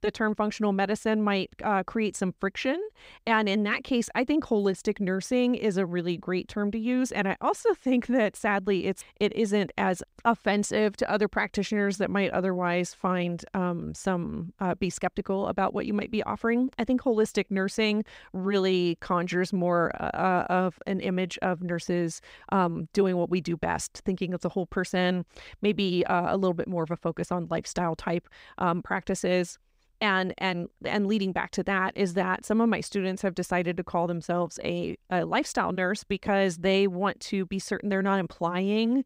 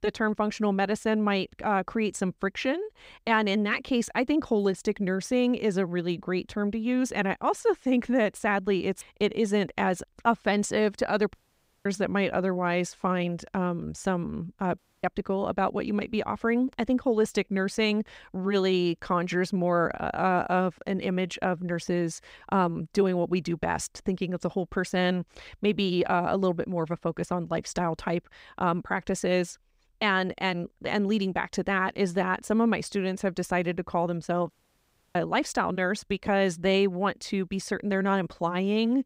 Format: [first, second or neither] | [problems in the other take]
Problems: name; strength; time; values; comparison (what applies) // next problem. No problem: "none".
first | audio cutting out; at 11 s for 0.5 s, at 15 s and at 35 s for 0.5 s